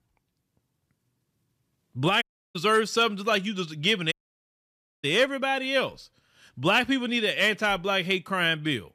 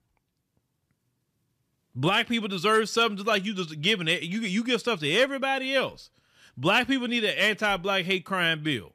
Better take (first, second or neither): second